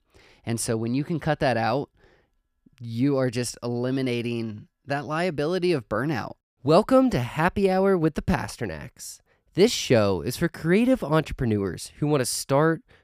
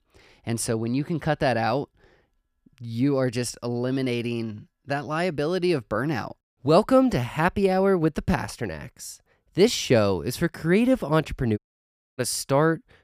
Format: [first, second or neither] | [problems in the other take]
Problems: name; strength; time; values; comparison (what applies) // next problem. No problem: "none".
first | audio cutting out; at 12 s for 0.5 s